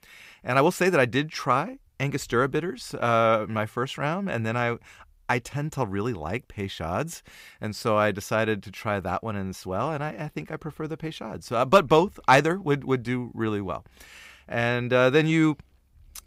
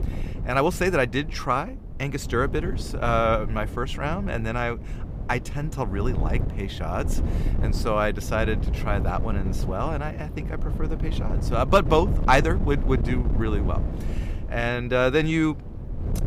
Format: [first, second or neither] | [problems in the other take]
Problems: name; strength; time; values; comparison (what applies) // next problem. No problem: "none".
first | wind noise on the microphone; occasional gusts; 15 dB below the speech